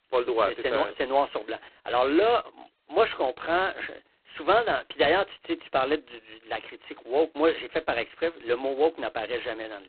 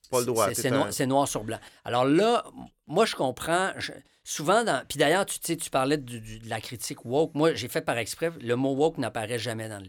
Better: second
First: phone-call audio; poor line; nothing above 4 kHz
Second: none

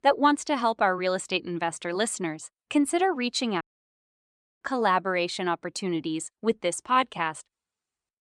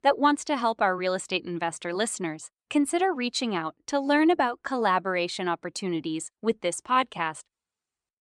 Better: second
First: audio cutting out; at 3.5 s for 1 s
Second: none

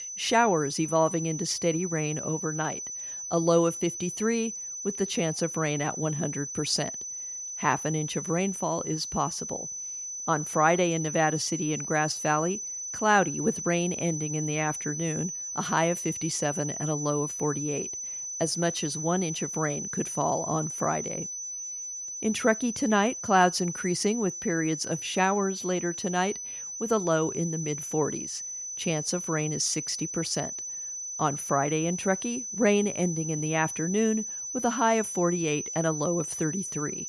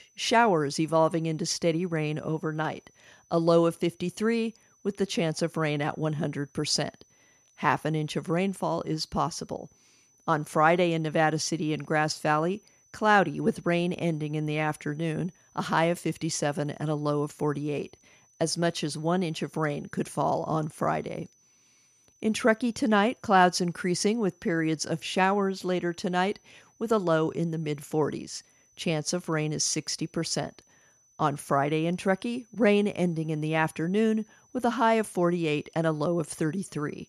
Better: second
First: high-pitched whine; loud; throughout; 6 kHz, 5 dB below the speech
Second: high-pitched whine; faint; throughout; 6 kHz, 35 dB below the speech

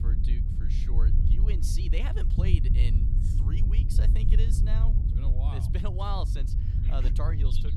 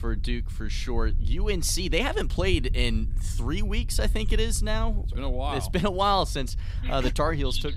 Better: second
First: low rumble; loud; throughout; 3 dB below the speech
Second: low rumble; faint; throughout; 20 dB below the speech

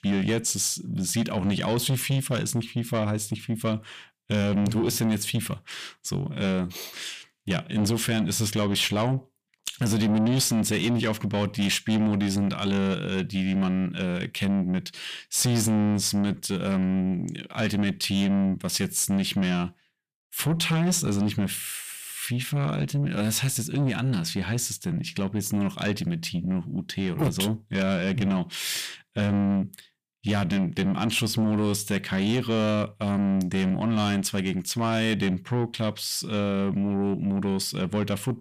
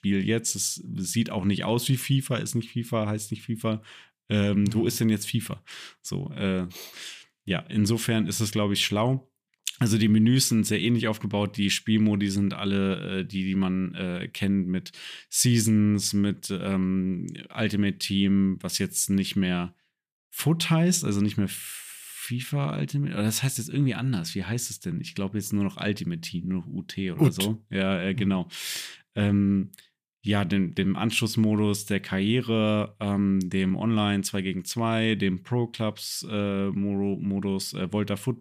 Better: second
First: distortion; slight; 10 dB below the speech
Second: none

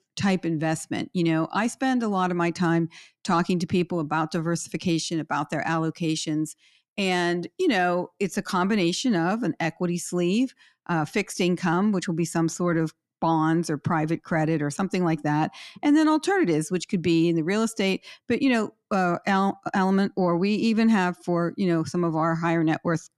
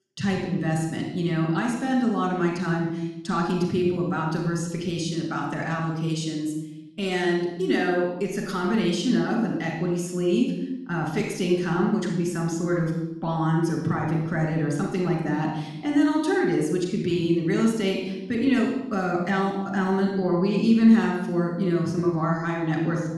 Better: first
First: none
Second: off-mic speech; far // room echo; noticeable; dies away in 0.9 s

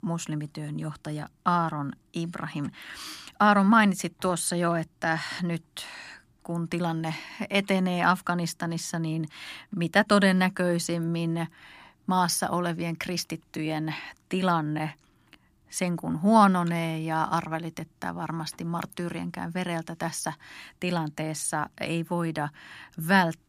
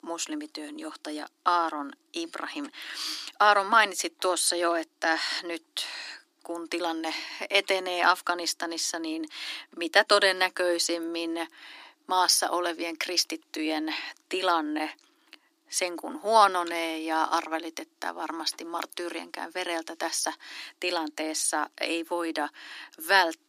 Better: first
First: none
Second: thin; very; fading below 300 Hz

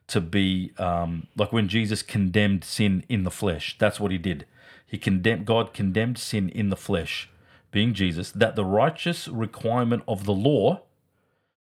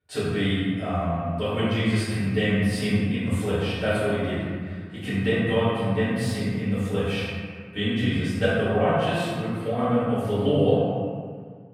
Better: first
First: none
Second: room echo; strong; dies away in 1.7 s // off-mic speech; far

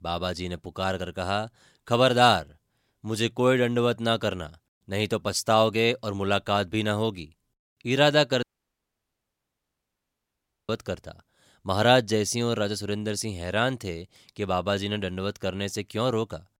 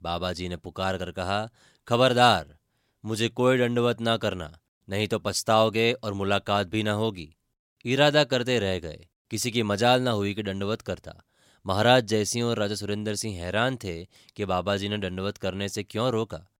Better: second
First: audio cutting out; at 8.5 s for 2.5 s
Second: none

